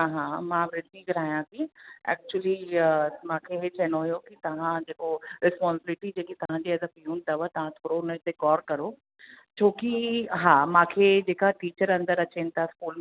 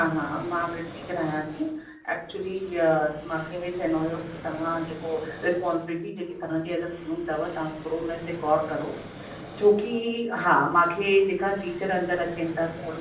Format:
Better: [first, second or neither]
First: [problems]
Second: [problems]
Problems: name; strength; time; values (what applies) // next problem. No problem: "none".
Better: first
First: none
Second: background sound (Fixed-wing aircraft, airplane); 15 dB below the speech // room echo; dies away in 0.6 s